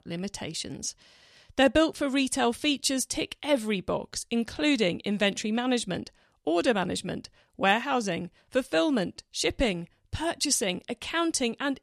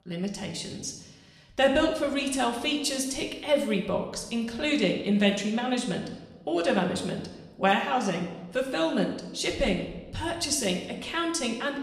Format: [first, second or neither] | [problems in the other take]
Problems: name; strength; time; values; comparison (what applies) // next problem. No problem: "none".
first | room echo; slight; dies away in 0.9 s // off-mic speech; somewhat distant